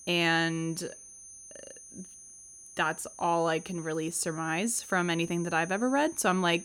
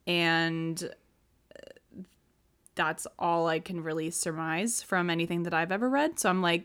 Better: second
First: high-pitched whine; noticeable; throughout; 6 kHz, 15 dB below the speech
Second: none

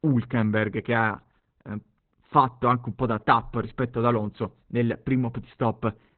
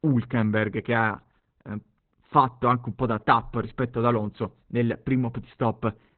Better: neither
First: garbled, watery; badly; nothing above 4 kHz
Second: garbled, watery; badly; nothing above 4 kHz

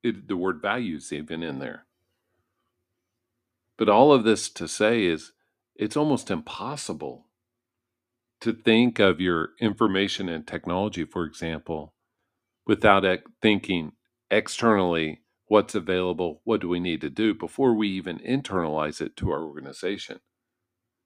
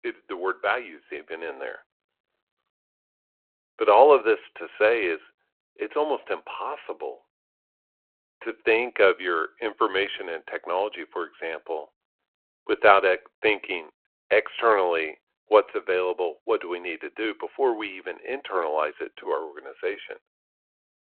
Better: first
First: none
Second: phone-call audio

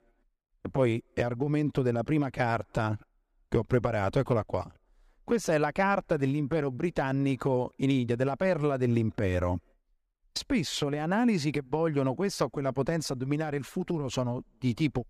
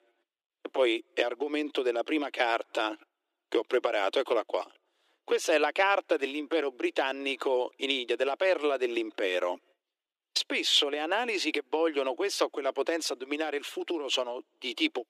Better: first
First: none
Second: thin; very; fading below 300 Hz

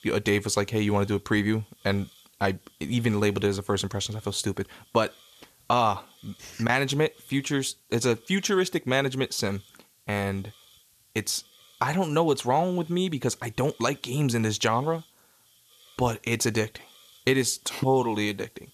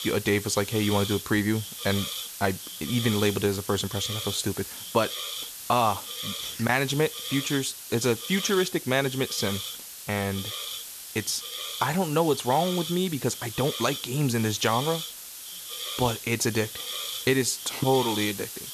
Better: first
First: hiss; faint; throughout; 30 dB below the speech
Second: hiss; loud; throughout; 7 dB below the speech

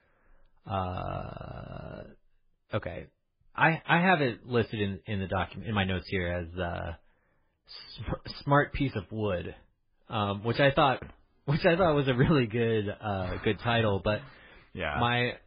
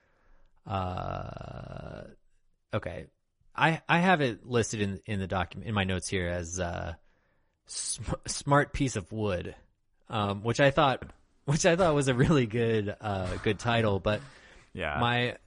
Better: second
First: garbled, watery; badly; nothing above 5 kHz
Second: garbled, watery; slightly; nothing above 10.5 kHz

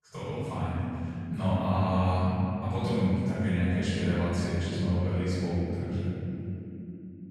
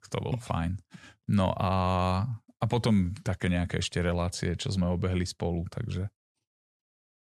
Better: second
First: room echo; strong; dies away in 3 s // off-mic speech; far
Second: none

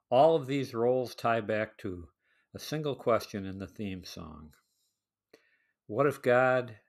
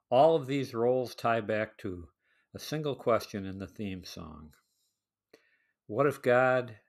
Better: neither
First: none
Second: none

